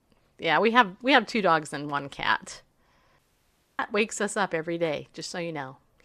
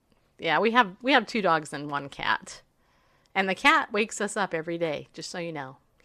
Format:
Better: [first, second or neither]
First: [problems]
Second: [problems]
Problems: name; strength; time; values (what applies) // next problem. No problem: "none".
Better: second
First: audio cutting out; at 3 s for 0.5 s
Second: none